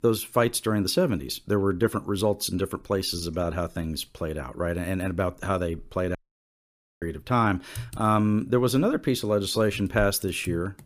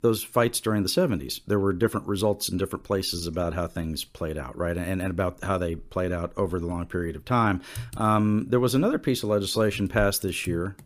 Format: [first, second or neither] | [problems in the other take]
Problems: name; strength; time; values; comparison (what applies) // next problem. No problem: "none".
second | audio cutting out; at 6 s for 1 s